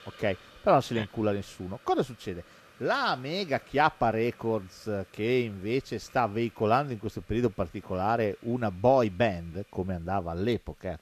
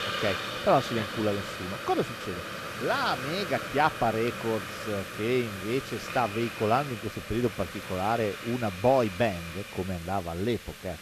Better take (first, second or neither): first